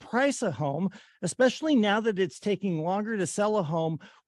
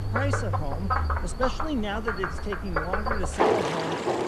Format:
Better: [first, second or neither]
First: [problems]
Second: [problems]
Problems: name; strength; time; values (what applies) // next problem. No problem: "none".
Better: first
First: none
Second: animal sounds; very loud; throughout; 5 dB above the speech